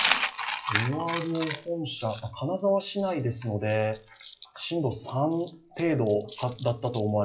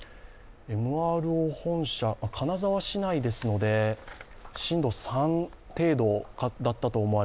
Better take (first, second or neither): second